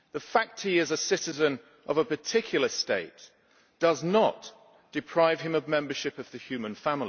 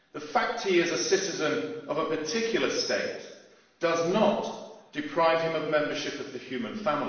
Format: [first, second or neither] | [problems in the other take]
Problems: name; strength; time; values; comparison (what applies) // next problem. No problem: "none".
first | room echo; dies away in 0.9 s